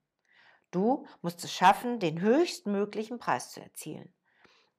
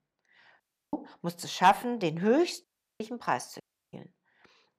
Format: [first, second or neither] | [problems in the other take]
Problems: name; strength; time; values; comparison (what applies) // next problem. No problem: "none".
first | audio cutting out; at 0.5 s, at 2.5 s and at 3.5 s